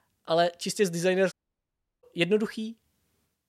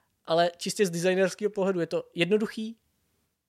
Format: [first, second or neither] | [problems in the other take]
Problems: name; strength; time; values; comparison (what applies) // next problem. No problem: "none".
second | audio cutting out; at 1.5 s for 0.5 s